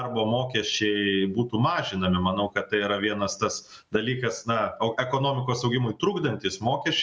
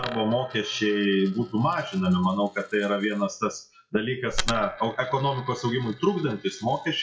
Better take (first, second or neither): first